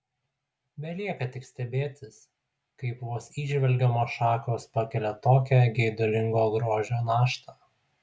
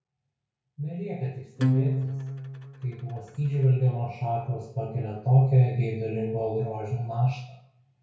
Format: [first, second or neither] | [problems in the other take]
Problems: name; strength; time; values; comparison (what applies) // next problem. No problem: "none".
first | background sound (Acoustic guitar); 3 dB below the speech // room echo; dies away in 0.6 s